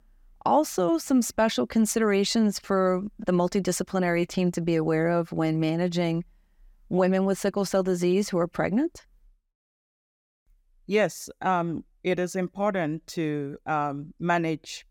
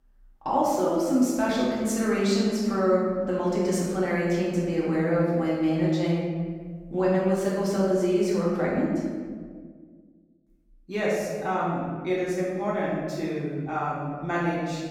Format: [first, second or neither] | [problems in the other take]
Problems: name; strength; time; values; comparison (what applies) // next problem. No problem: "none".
first | room echo; strong; dies away in 1.5 s // off-mic speech; far